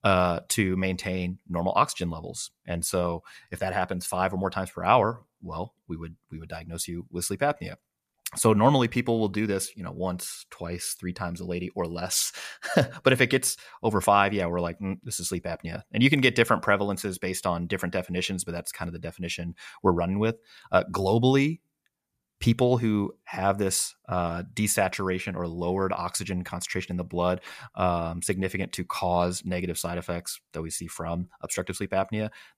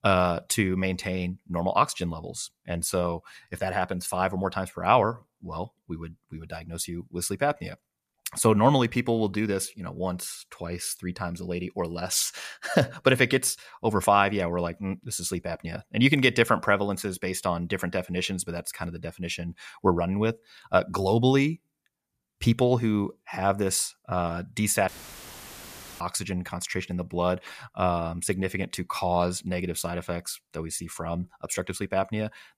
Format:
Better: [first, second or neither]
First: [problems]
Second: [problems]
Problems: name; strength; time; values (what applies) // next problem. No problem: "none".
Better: first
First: none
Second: audio cutting out; filled with static; at 25 s for 1 s